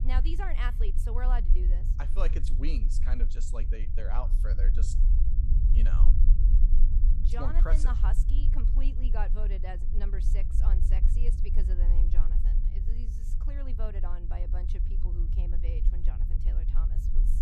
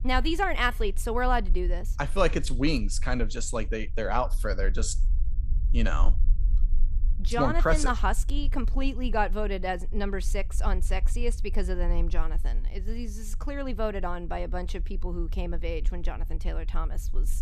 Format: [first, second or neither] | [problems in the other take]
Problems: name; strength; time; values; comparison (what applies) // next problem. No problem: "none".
second | low rumble; loud; throughout; 7 dB below the speech; faint in the second